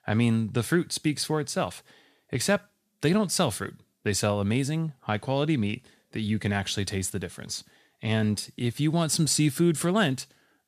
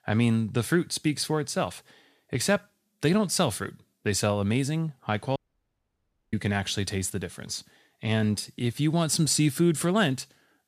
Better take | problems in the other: first | audio cutting out; at 5.5 s for 1 s

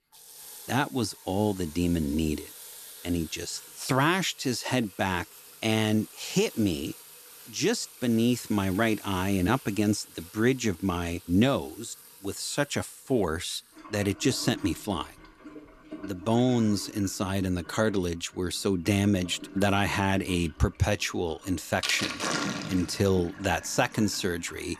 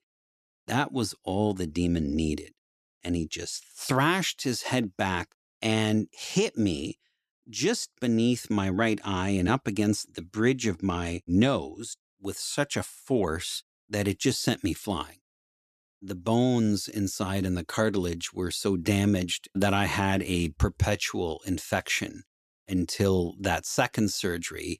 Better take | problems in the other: second | household noises; noticeable; throughout; 15 dB below the speech

